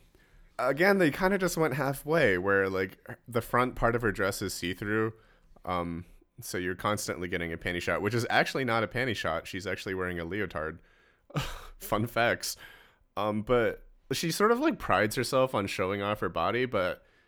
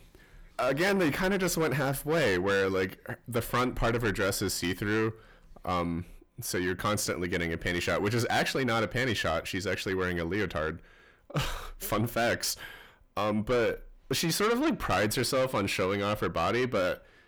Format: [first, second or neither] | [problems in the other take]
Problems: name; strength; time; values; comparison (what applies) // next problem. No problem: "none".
first | distortion; heavy; 7 dB below the speech